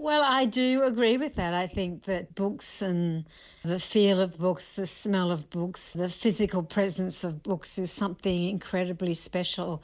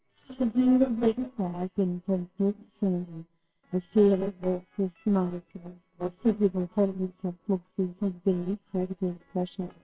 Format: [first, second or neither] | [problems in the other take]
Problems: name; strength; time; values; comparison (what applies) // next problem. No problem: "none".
first | noise reduction (neural separator model SepFormer WHAMR!)